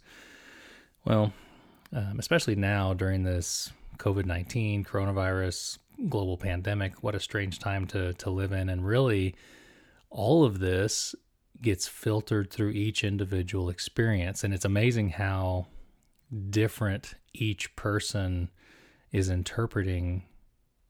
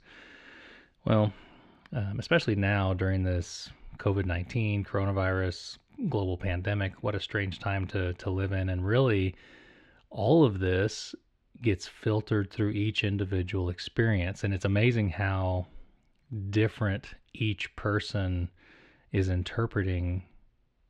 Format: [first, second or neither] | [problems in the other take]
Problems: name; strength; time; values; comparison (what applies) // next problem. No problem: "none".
first | muffled; slightly; fading above 3 kHz